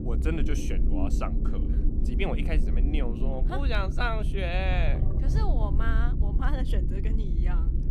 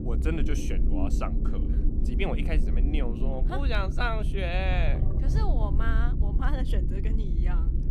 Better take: neither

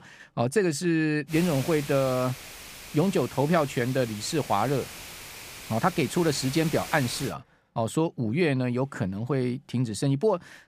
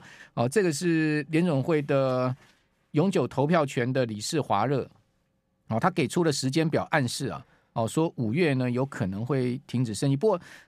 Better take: second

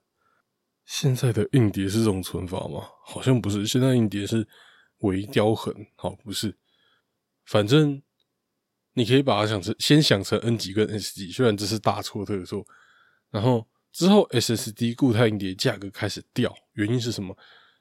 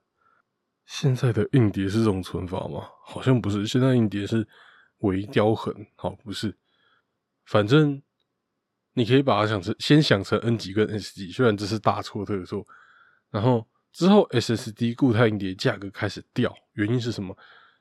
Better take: first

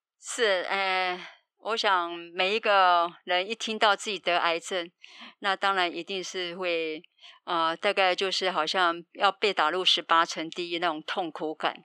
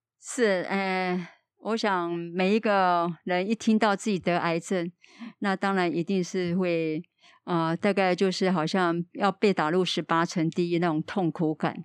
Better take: second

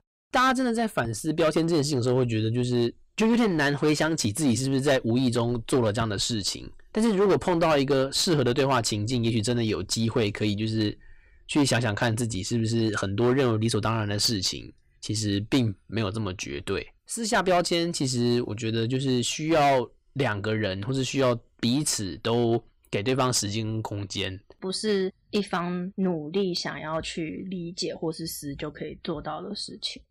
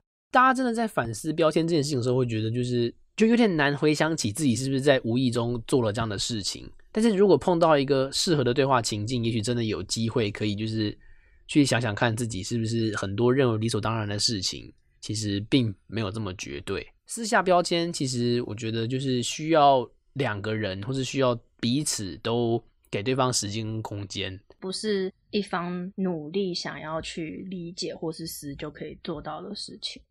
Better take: second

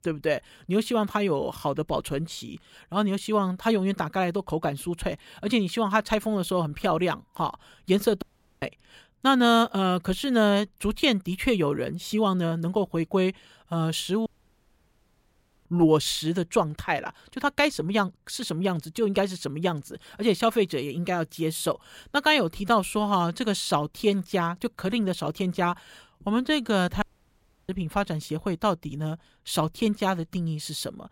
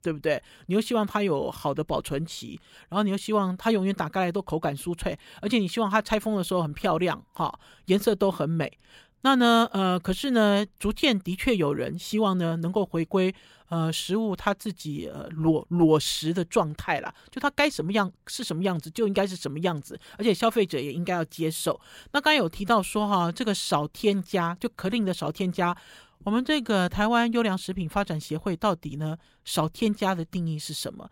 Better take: second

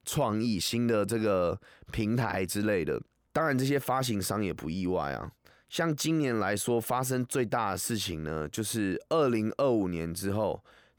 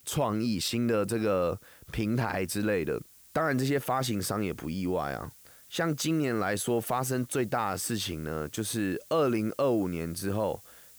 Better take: first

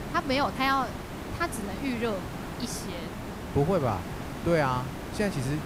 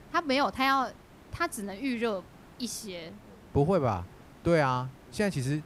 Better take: second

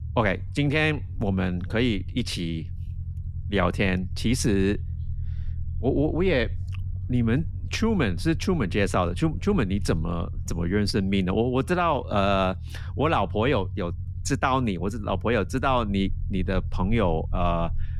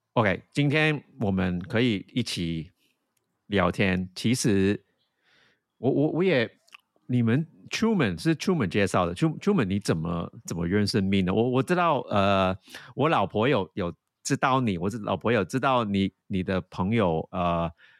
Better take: second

